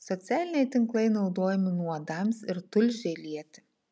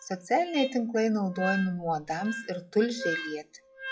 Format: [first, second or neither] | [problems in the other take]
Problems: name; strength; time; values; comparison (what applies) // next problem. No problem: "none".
first | noise reduction (classical method WPE with log-MMSE)